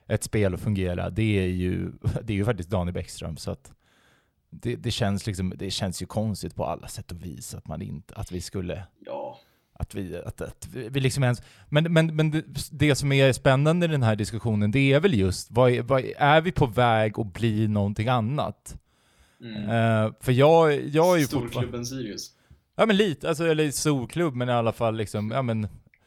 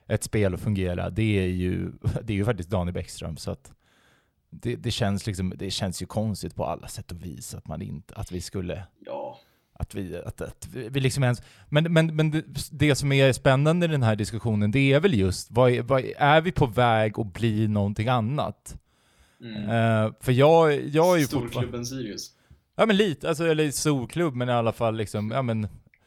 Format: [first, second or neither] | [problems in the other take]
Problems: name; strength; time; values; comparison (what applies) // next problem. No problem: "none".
neither | none